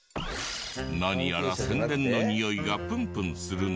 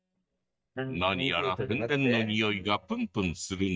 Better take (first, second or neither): first